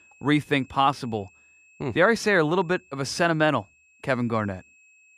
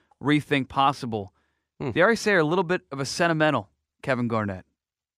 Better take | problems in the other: second | high-pitched whine; faint; throughout; 2.5 kHz, 30 dB below the speech

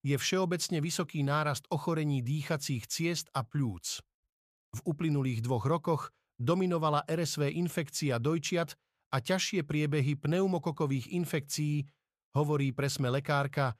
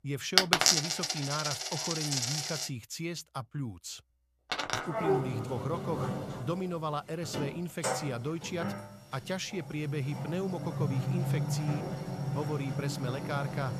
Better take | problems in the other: first | household noises; very loud; throughout; 5 dB above the speech

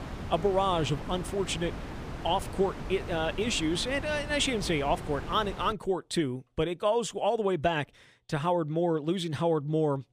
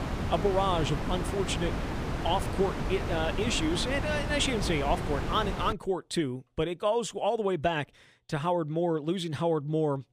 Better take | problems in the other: first | wind noise on the microphone; heavy; until 5.5 s; 6 dB below the speech; occasional gusts in the first

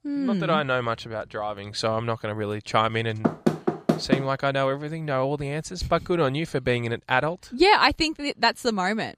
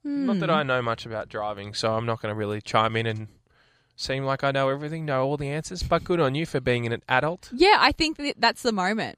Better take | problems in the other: second | door banging; loud; at 3 s; peak level with the speech

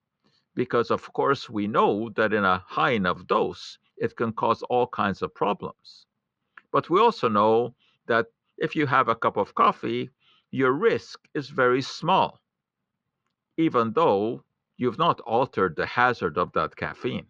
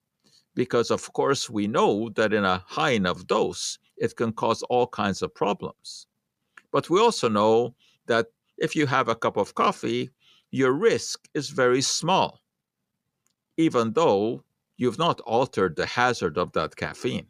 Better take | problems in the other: second | muffled; slightly; fading above 3.5 kHz

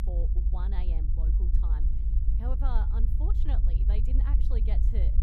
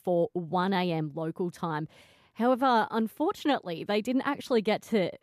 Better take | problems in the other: second | low rumble; loud; throughout; 3 dB below the speech

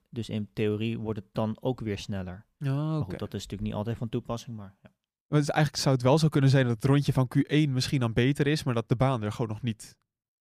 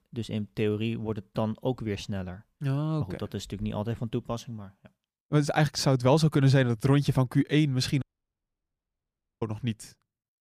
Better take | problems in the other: first | audio cutting out; at 8 s for 1.5 s

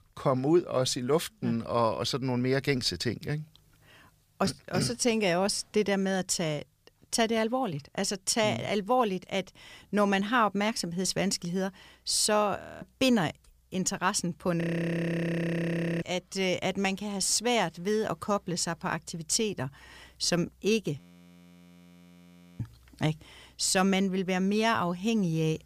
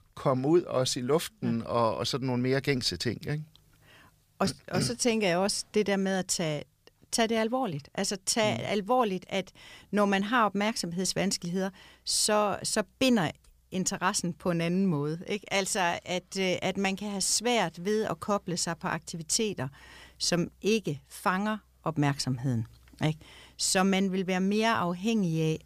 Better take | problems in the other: second | audio freezing; at 13 s, at 15 s for 1.5 s and at 21 s for 1.5 s

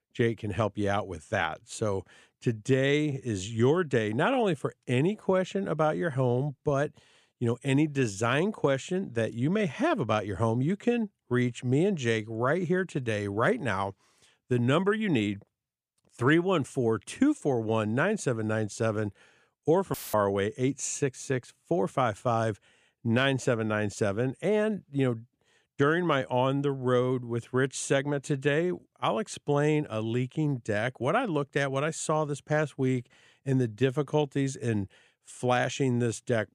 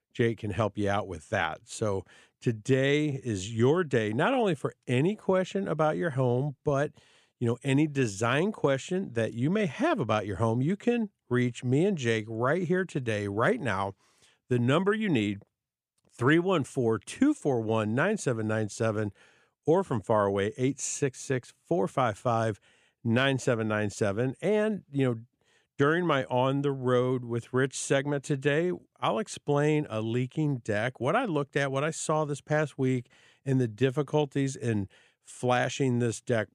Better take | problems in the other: second | audio cutting out; filled with static; at 20 s

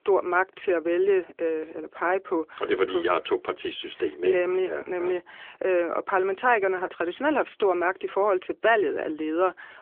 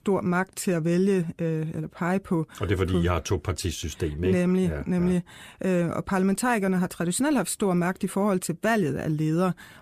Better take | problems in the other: second | phone-call audio; nothing above 3.5 kHz

